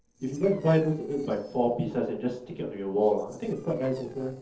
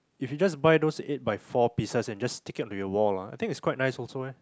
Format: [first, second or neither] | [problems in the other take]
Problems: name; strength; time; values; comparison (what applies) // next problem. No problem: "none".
second | noise reduction (neural separator model SepFormer DNS4)